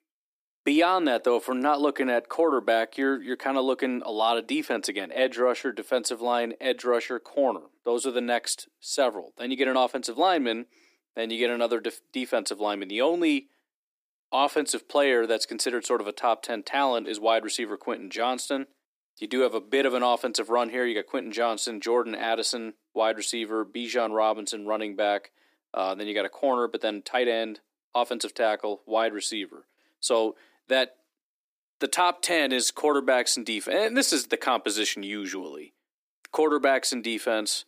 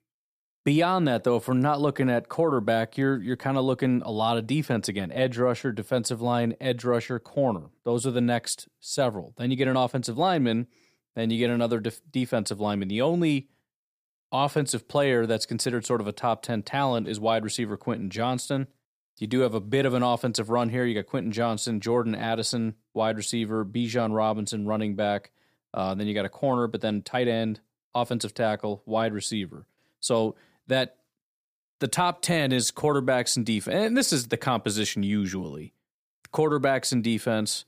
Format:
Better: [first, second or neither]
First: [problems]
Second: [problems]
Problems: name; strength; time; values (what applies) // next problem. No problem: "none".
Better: second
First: thin; somewhat; fading below 300 Hz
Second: none